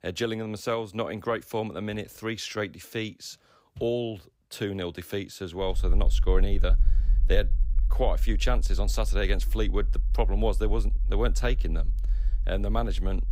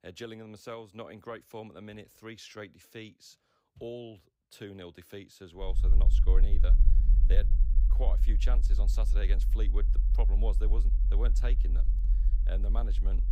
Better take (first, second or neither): first